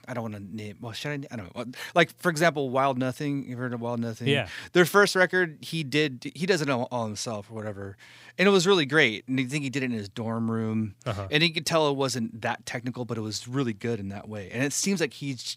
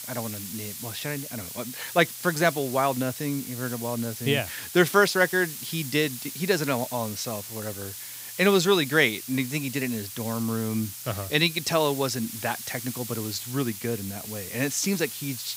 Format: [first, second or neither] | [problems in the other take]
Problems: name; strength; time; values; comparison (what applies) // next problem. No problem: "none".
first | hiss; loud; throughout; 9 dB below the speech